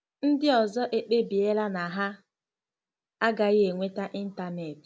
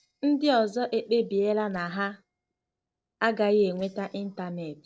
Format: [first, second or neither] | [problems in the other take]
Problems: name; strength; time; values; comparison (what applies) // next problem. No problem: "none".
first | noise reduction (neural separator model SepFormer DNS4)